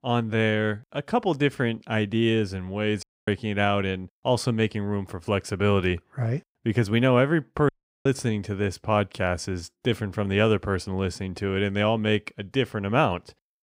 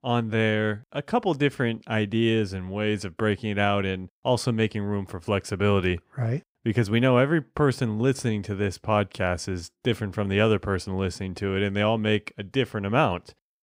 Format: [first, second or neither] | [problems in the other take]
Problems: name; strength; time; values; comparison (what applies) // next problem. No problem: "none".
second | audio cutting out; at 3 s and at 7.5 s